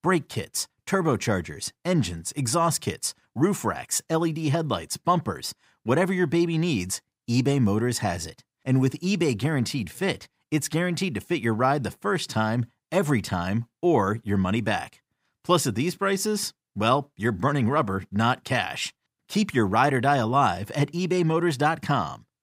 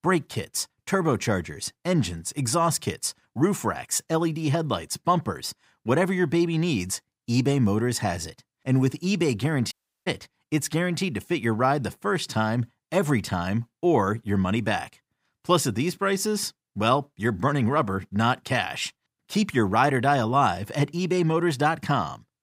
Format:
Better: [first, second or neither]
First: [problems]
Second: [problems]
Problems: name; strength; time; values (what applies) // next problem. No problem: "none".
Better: first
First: none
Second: audio cutting out; at 9.5 s